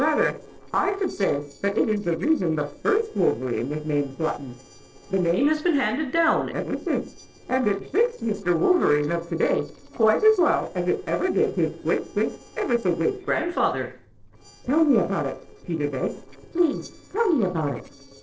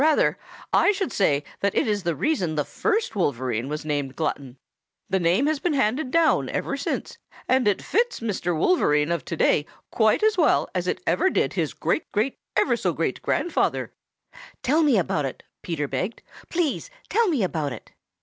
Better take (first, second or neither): second